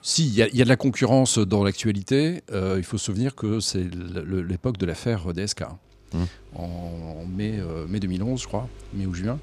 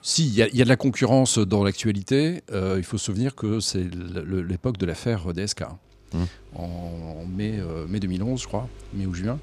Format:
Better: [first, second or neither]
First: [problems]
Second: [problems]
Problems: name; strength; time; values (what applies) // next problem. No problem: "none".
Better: neither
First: traffic noise; faint; throughout; 25 dB below the speech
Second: traffic noise; faint; throughout; 25 dB below the speech